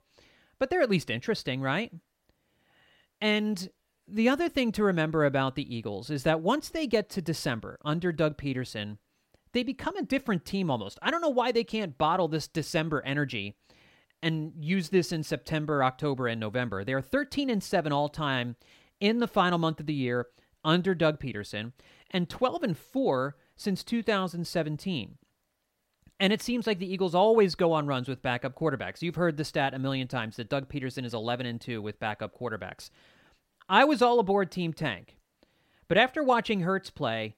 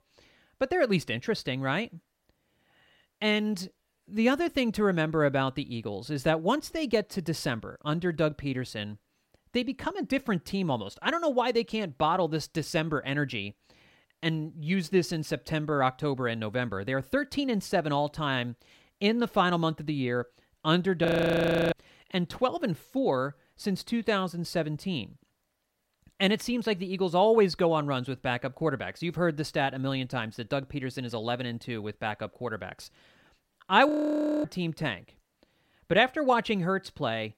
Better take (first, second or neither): first